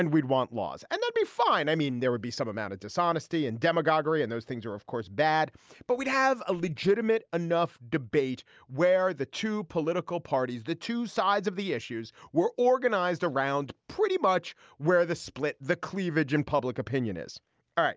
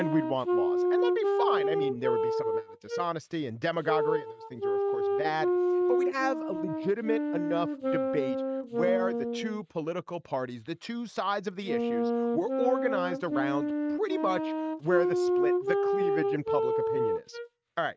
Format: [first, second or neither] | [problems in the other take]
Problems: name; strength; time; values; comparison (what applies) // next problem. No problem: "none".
first | noise reduction (neural mask model RNNoise)